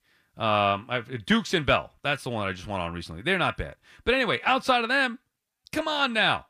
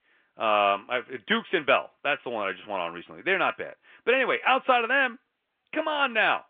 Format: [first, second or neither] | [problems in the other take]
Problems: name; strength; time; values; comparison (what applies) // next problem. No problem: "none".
first | phone-call audio; nothing above 3.5 kHz